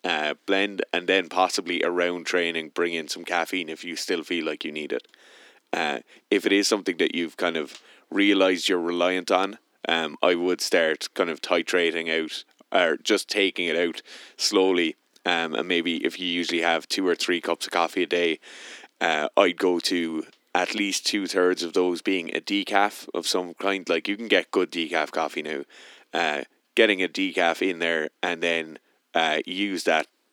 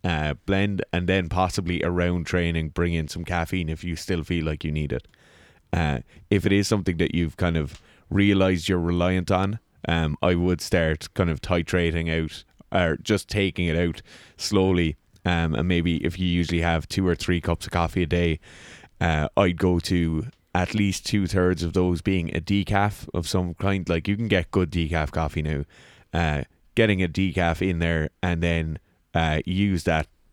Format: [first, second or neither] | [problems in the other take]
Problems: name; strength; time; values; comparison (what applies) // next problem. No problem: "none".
second | thin; somewhat; fading below 250 Hz